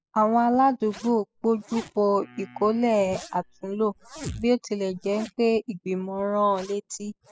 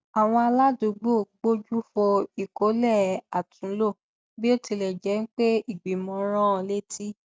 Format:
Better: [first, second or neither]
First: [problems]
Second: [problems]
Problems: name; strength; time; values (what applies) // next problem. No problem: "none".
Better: second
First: noise reduction (classical method spectral subtraction)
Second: none